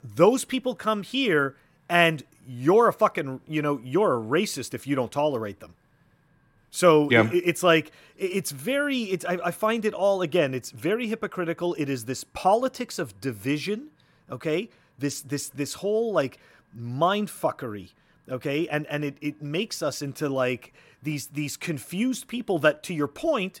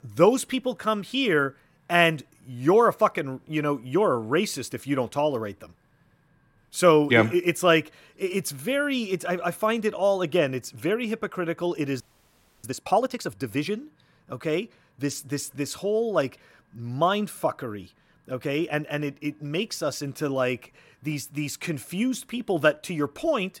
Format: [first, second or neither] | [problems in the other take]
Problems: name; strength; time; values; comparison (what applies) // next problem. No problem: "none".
first | audio freezing; at 12 s for 0.5 s